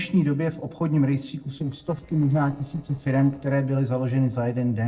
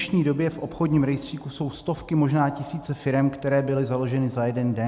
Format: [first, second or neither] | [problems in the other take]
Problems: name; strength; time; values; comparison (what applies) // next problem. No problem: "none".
second | noise reduction (neural separator model SepFormer DNS4)